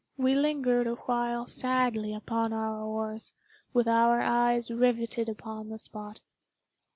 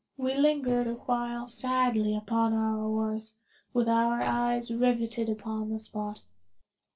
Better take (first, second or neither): first